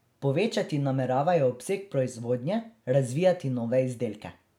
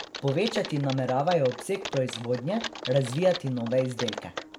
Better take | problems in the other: first | background sound (Typing); 11 dB below the speech

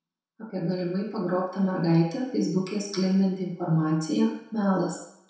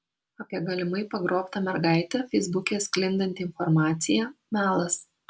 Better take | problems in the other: second | room echo; dies away in 0.7 s

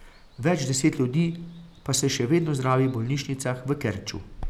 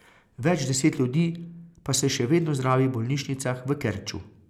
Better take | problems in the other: second | background sound (Water); 17 dB below the speech

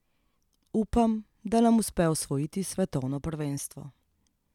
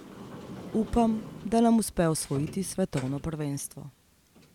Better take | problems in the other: first | background sound (Sliding door); 16 dB below the speech

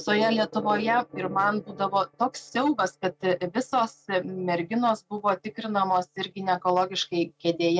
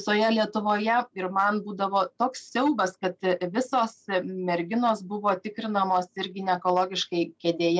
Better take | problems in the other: second | noise reduction (neural mask model RNNoise)

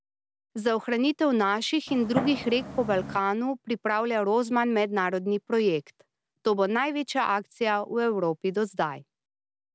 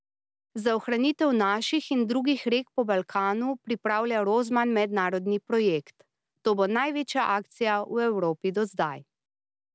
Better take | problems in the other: second | background sound (Fireworks); 8 dB below the speech

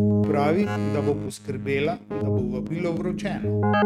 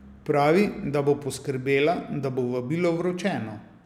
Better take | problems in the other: second | noise reduction (neural mask model RNNoise)

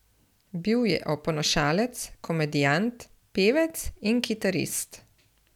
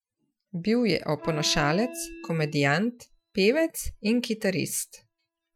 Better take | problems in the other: first | noise reduction (classical method Wiener filter)

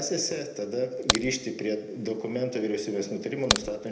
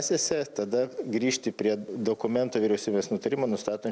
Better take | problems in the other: second | background sound (Crack); 2 dB above the speech // room echo; dies away in 0.7 s

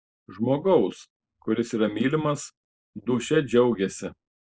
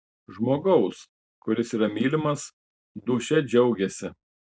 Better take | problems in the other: second | noise reduction (neural mask model Resemble Enhance denoiser)

